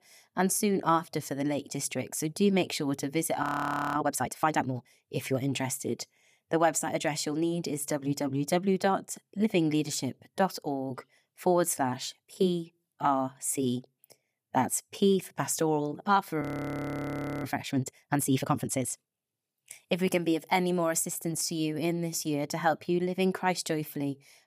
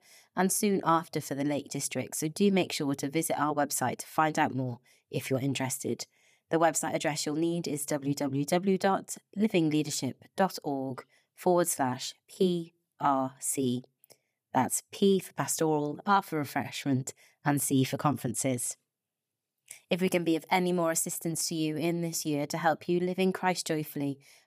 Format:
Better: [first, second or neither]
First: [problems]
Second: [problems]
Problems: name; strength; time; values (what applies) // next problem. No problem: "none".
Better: second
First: audio freezing; at 3.5 s for 0.5 s and at 16 s for 1 s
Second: none